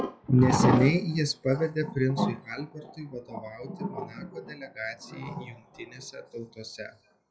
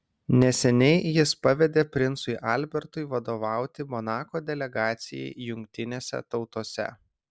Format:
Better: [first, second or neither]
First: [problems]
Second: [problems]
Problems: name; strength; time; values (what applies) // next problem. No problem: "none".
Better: second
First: noise reduction (classical method WPE with log-MMSE)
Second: none